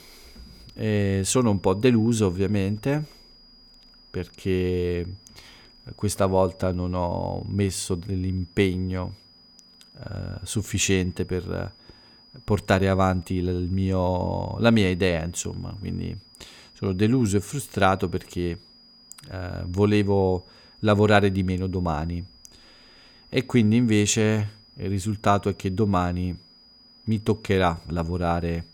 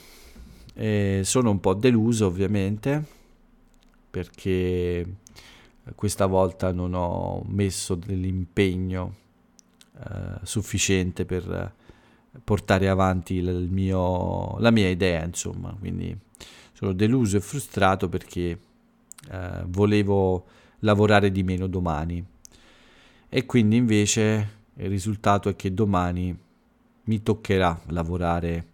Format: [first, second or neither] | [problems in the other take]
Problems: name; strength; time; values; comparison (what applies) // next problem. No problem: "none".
second | high-pitched whine; faint; throughout; 5 kHz, 25 dB below the speech